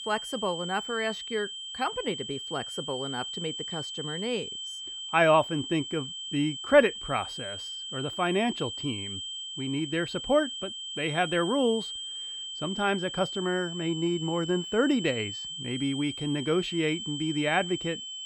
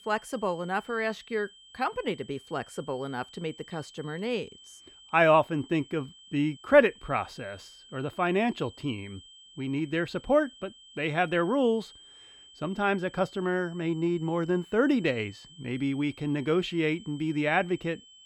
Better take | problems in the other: second | high-pitched whine; loud; throughout; 3 kHz, 6 dB below the speech; faint in the second

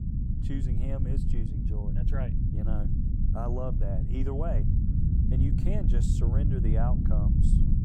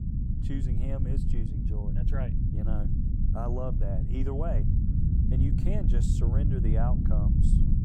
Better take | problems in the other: neither | low rumble; loud; throughout; as loud as the speech; the same in both

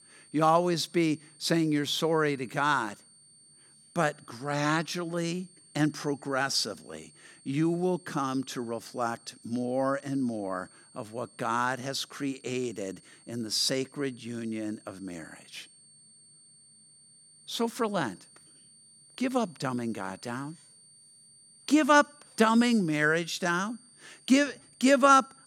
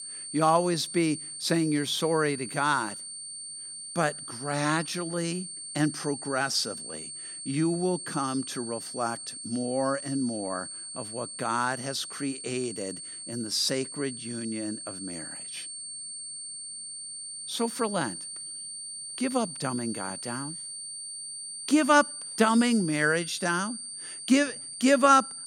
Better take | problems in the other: first | high-pitched whine; loud; throughout; 8.5 kHz, 9 dB below the speech; faint in the first

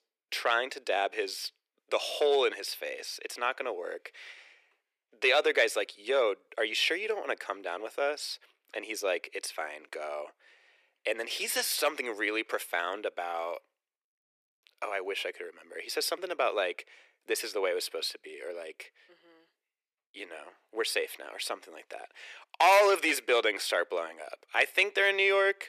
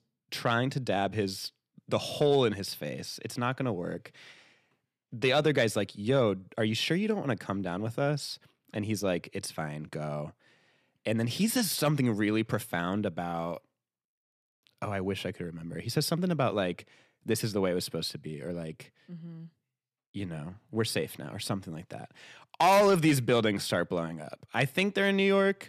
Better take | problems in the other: second | thin; very; fading below 400 Hz

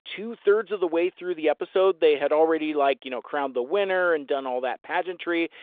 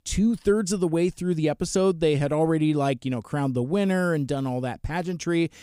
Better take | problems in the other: second | phone-call audio; nothing above 3.5 kHz

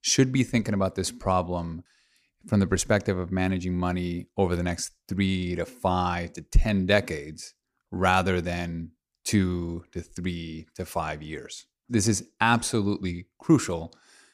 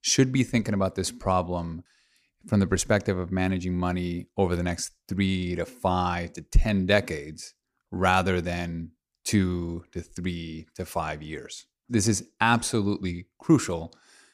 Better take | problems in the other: neither | none

